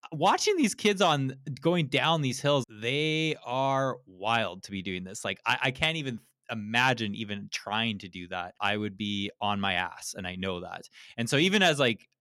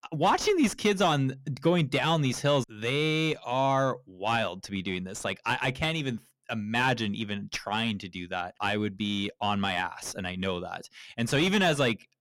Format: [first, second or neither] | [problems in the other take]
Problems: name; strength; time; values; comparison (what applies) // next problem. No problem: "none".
first | distortion; slight; 10 dB below the speech